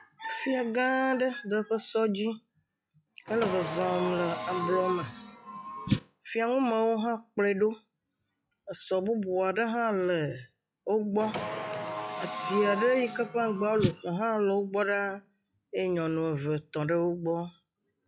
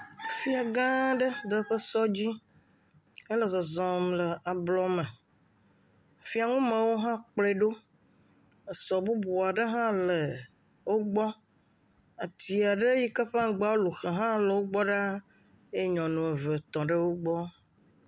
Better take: second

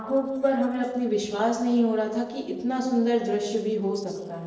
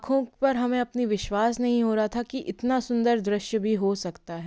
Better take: second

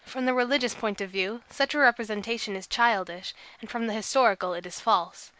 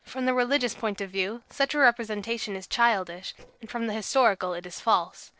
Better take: first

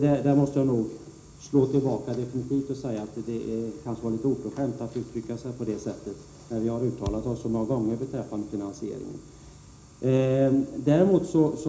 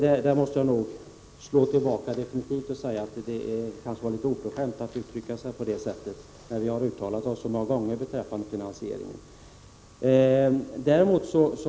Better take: second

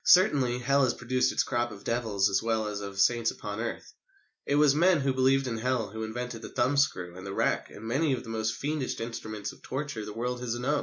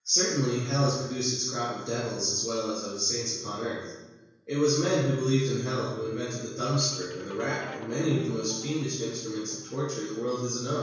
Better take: first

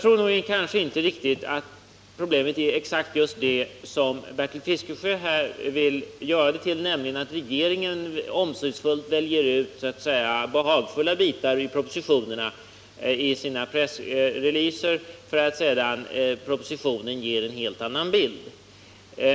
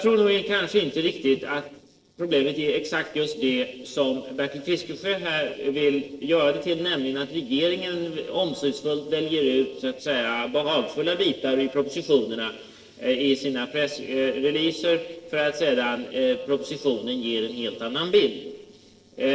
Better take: first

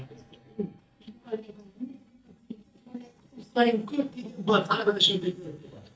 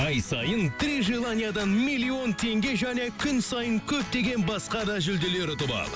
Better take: second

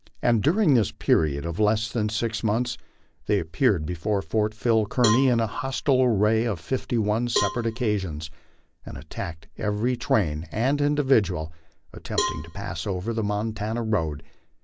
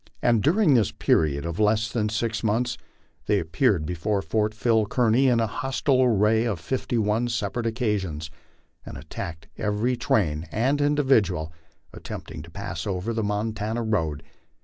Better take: second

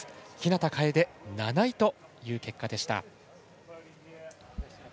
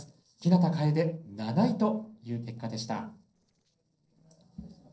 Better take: first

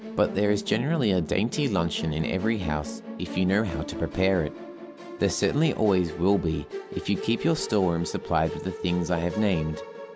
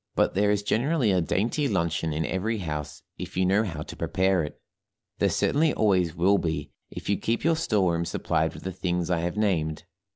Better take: second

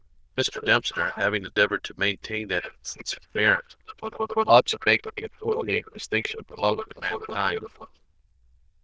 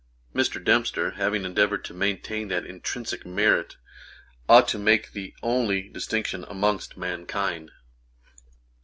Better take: second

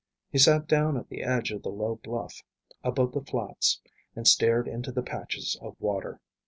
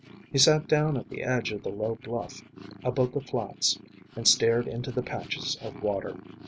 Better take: first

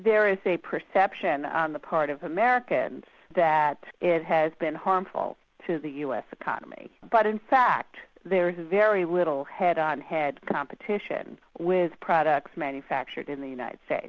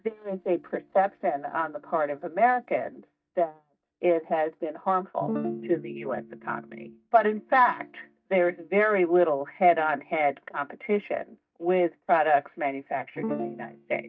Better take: first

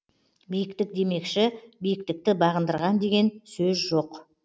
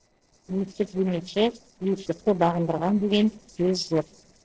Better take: first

